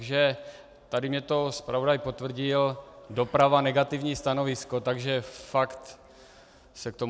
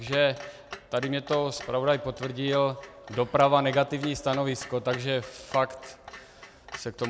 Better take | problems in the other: first | background sound (Clock); 16 dB below the speech

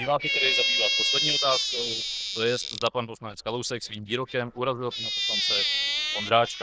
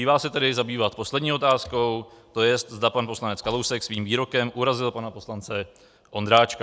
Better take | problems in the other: second | noise reduction (neural diffusion model UNIVERSE++)

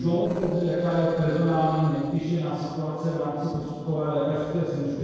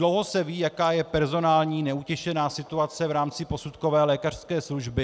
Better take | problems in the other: second | noise reduction (neural separator model SepFormer DNS4)

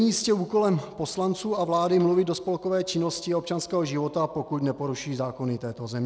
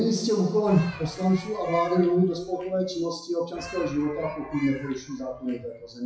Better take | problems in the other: first | noise reduction (classical method WPE with log-MMSE)

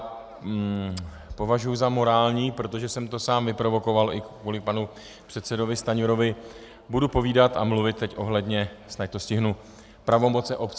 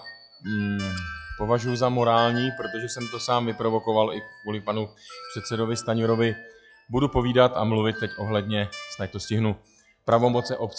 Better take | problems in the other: first | noise reduction (classical method log-MMSE)

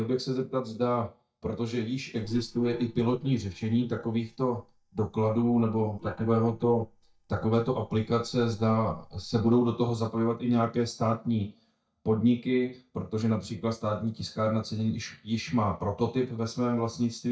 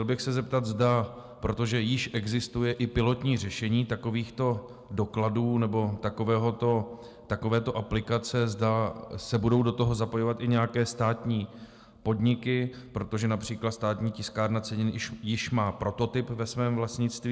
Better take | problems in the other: second | noise reduction (neural mask model DeepFilterNet 3)

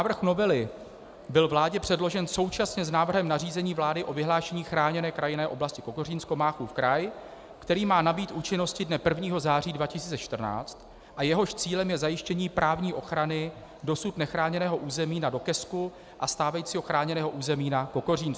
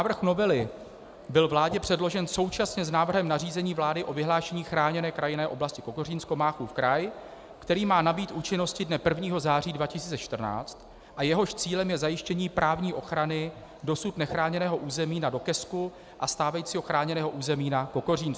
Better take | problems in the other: first | background sound (Whoosh, swoosh, swish); 12 dB below the speech

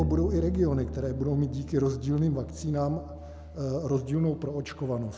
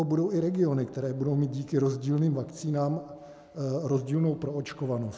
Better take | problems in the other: second | background sound (Bowed string instrument); 8 dB below the speech

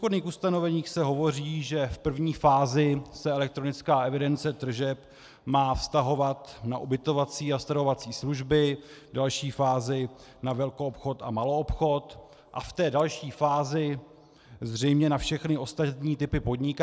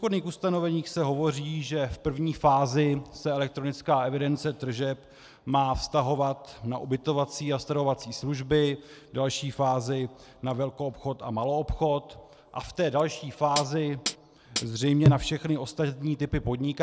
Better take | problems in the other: first | background sound (Hi-hat); 1 dB below the speech

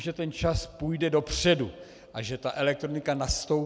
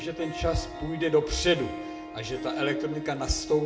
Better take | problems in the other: first | background sound (Harp); 8 dB below the speech // room echo; dies away in 0.4 s

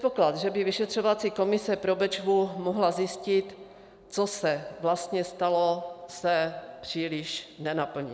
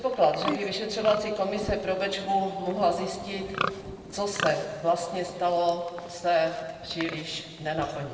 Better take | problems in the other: first | background sound (Livestock, farm animals, working animals); 10 dB below the speech // room echo; dies away in 1.5 s

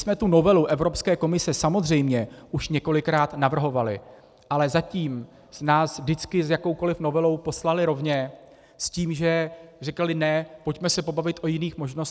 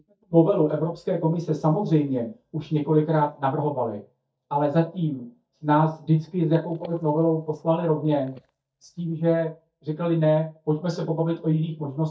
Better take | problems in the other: first | noise reduction (neural mask model DeepFilterNet 3)

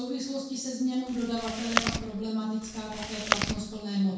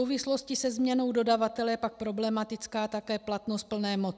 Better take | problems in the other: second | background sound (Chewing, mastication); 1 dB below the speech // room echo; dies away in 0.6 s

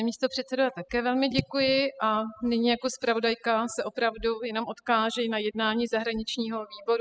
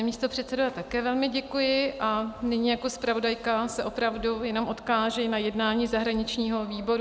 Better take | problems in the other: second | noise reduction (classical method spectral subtraction)

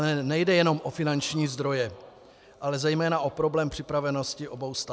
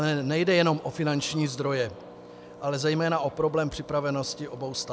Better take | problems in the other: first | background sound (Engine); 19 dB below the speech

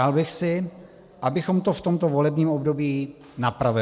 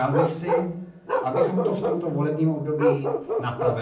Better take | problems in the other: first | background sound (Bark); as loud as the speech // room echo; dies away in 0.6 s

